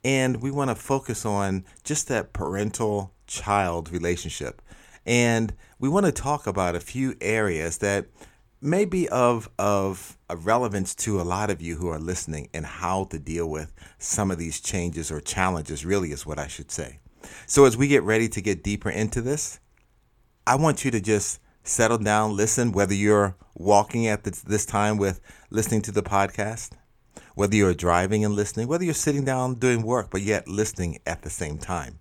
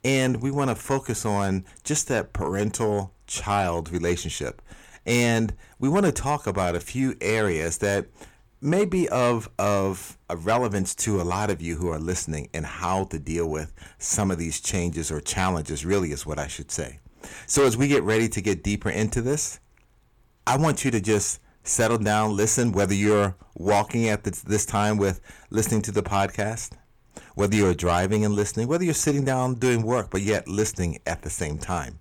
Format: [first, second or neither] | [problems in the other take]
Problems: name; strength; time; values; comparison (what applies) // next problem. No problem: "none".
first | distortion; slight; 10 dB below the speech